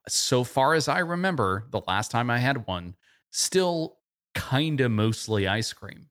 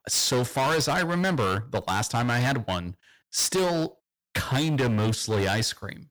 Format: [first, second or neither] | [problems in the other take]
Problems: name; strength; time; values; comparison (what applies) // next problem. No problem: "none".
first | distortion; heavy; 20% of the sound clipped